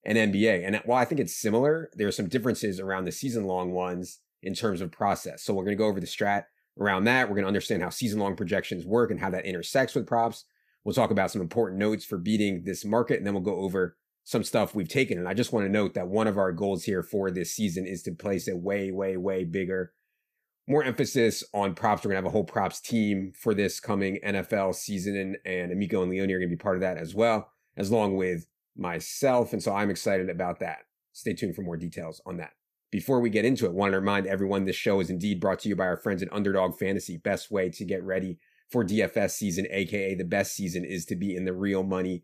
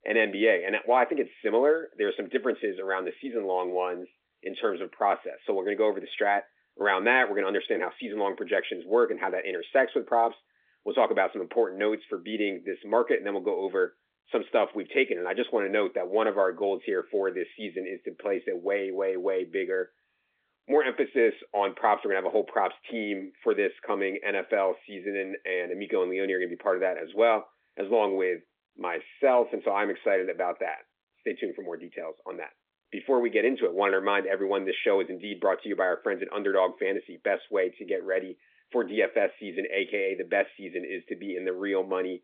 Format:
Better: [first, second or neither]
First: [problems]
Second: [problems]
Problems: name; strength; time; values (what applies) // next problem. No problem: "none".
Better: first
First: none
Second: phone-call audio; nothing above 3.5 kHz